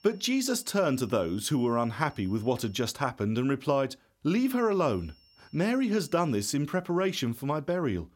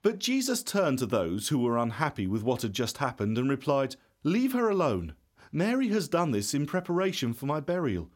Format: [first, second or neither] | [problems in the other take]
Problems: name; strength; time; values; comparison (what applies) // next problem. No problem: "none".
second | high-pitched whine; faint; until 3 s and from 4.5 to 6.5 s; 5.5 kHz, 30 dB below the speech